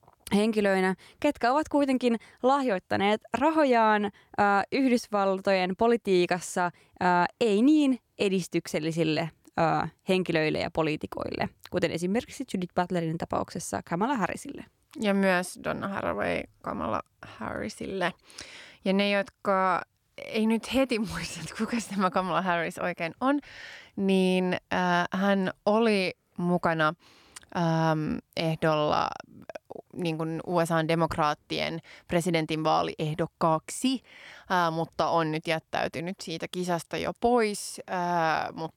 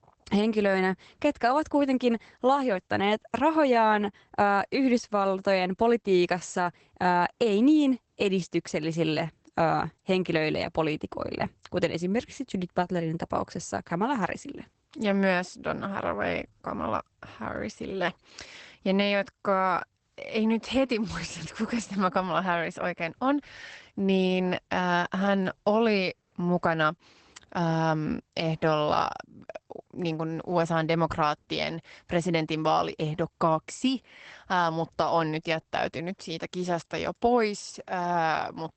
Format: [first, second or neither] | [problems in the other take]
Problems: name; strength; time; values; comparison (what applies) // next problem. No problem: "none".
first | garbled, watery; badly; nothing above 8 kHz